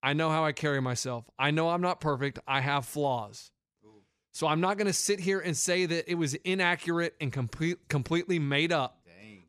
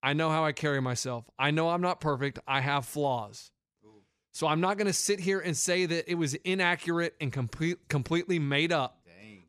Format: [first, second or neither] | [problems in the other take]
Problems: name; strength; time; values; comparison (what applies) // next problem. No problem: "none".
neither | none